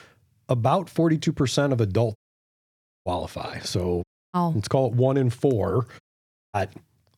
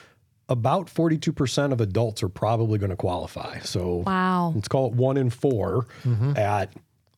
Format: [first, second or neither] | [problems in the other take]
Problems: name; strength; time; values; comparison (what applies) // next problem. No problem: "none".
second | audio cutting out; at 2 s for 1 s, at 4 s and at 6 s for 0.5 s